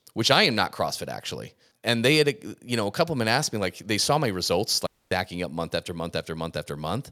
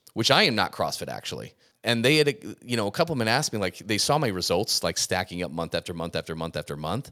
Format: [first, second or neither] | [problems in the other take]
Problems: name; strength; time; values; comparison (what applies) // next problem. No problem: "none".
second | audio cutting out; at 5 s